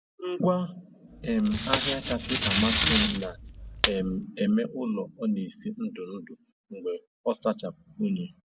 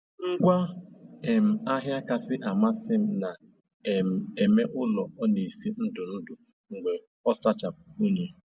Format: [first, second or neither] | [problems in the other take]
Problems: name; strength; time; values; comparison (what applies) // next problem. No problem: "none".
second | background sound (Packing tape, duct tape); as loud as the speech